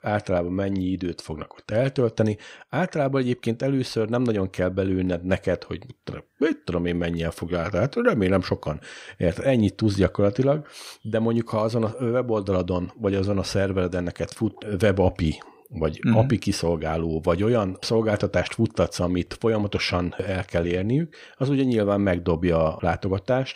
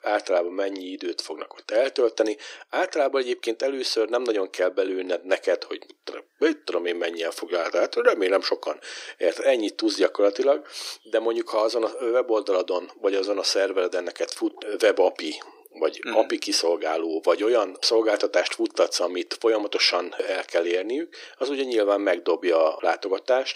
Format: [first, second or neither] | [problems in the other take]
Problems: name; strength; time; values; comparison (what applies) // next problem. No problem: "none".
first | thin; very; fading below 300 Hz